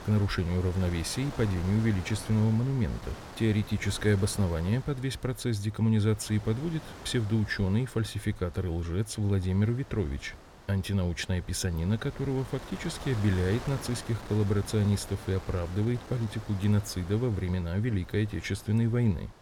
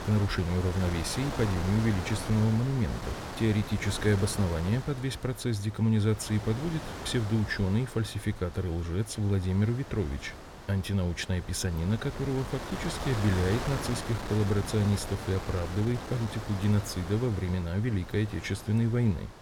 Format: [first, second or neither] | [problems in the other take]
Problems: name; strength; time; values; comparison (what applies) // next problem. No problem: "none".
first | wind noise on the microphone; heavy; 5 dB below the speech; occasional gusts in the first